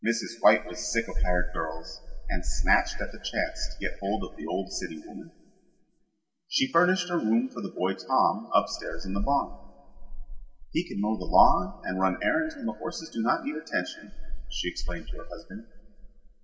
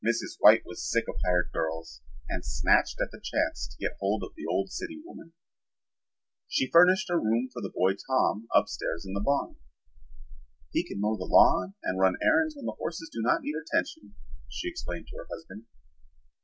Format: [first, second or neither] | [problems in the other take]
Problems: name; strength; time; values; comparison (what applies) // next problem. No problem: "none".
second | room echo; dies away in 1.4 s